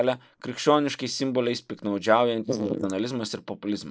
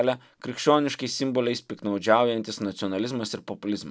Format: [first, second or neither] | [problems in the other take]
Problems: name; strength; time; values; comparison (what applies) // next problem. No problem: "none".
second | noise reduction (neural mask model Resemble Enhance denoiser)